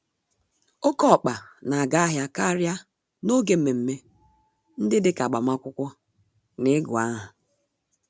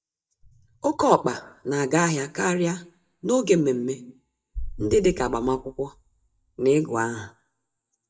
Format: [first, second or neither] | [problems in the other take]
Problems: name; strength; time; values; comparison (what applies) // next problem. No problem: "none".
first | noise reduction (neural mask model DeepFilterNet 3)